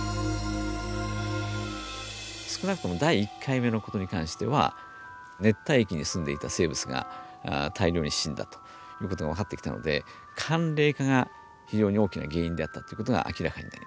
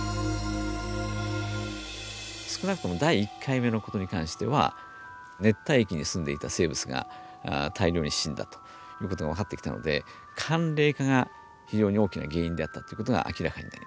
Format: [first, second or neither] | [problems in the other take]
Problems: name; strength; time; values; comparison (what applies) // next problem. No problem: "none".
second | background sound (Wind instrument, woodwind instrument); 19 dB below the speech